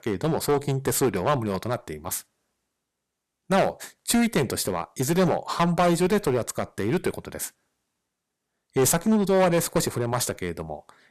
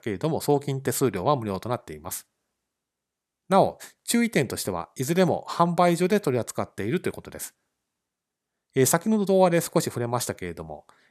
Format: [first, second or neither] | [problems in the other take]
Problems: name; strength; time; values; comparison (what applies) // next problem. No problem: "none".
second | distortion; heavy; 6% of the sound clipped